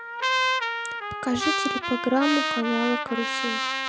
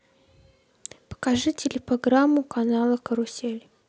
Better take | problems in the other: second | background sound (Trumpet); 1 dB above the speech

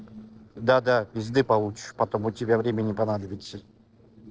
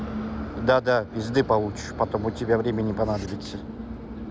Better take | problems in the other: second | noise reduction (neural separator model SepFormer DNS4)

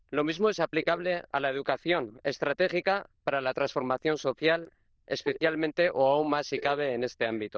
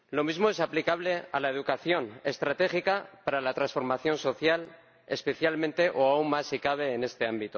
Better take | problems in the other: second | noise reduction (neural diffusion model UNIVERSE++)

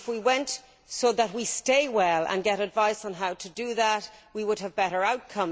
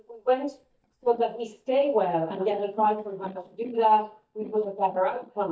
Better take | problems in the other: first | noise reduction (neural mask model DeepFilterNet 3)

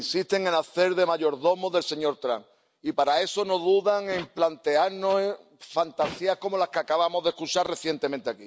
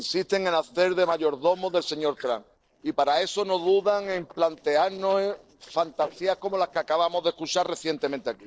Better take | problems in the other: first | noise reduction (neural separator model SepFormer DNS4)

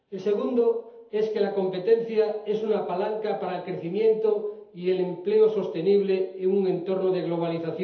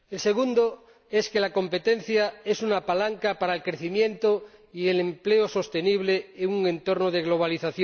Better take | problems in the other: second | room echo; dies away in 0.8 s

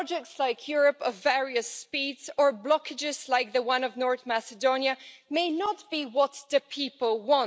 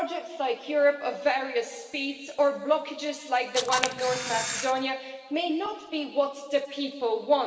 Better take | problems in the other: first | background sound (Camera); 4 dB below the speech // room echo; dies away in 2 s

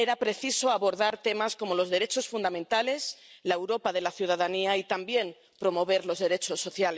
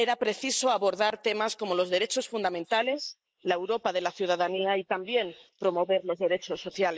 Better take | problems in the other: first | noise reduction (neural mask model Resemble Enhance denoiser)

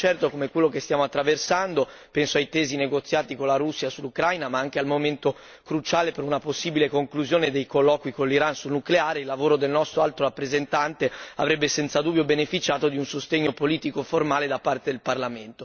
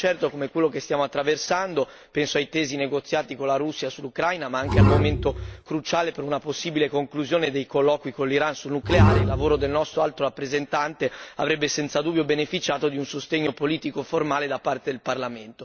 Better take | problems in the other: first | background sound (Bowed string instrument); 4 dB above the speech

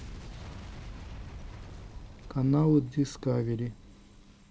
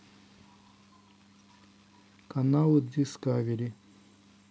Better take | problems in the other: second | background sound (Boom); 13 dB below the speech

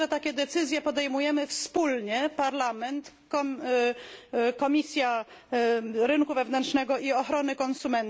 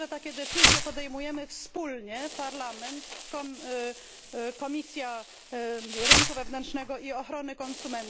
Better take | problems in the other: first | background sound (Insect); 5 dB above the speech

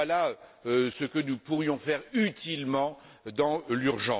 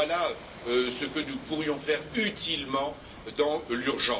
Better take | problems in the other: first | background sound (Waves, surf); 16 dB below the speech // room echo; dies away in 0.2 s

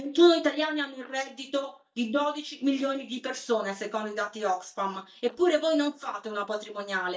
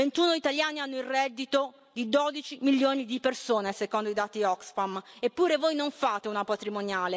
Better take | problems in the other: second | noise reduction (neural mask model DeepFilterNet 3)

